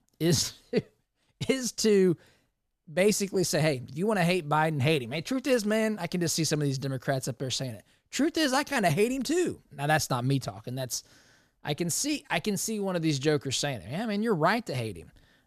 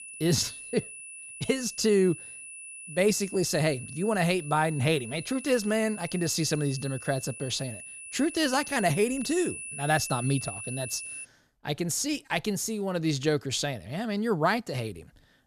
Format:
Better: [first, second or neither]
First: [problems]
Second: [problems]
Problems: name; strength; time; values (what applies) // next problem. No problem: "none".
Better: first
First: none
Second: high-pitched whine; noticeable; until 11 s; 10 kHz, 10 dB below the speech